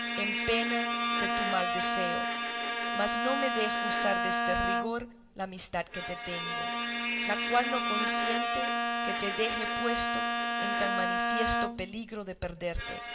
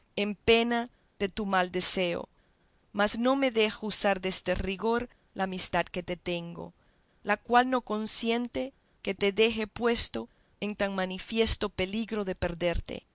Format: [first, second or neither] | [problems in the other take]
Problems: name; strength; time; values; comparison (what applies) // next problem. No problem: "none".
second | background sound (Bowed string instrument); 4 dB above the speech // room echo; dies away in 1 s